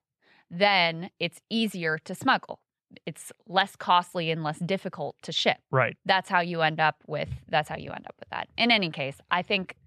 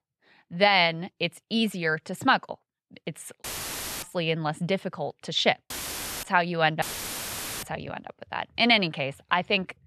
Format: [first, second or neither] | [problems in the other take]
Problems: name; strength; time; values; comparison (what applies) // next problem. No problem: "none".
first | audio cutting out; filled with static; at 3.5 s for 0.5 s, at 5.5 s for 0.5 s and at 7 s for 1 s